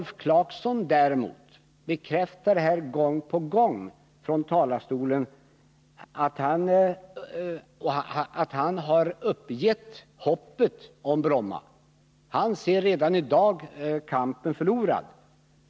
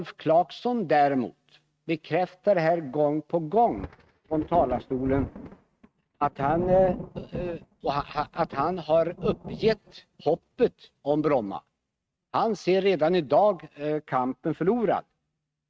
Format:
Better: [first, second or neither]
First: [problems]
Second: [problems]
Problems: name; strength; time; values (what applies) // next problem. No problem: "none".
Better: first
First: none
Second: noise reduction (neural mask model RNNoise)